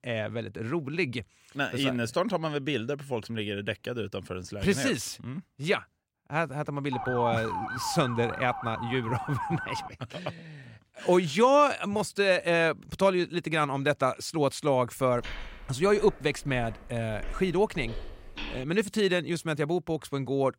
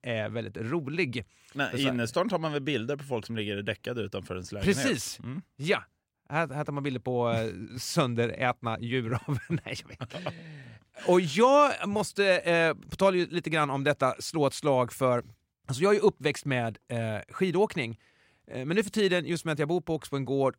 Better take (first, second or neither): second